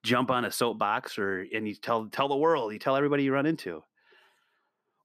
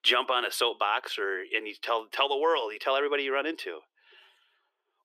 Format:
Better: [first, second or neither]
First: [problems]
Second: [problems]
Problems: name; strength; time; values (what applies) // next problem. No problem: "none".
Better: first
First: none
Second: thin; very; fading below 350 Hz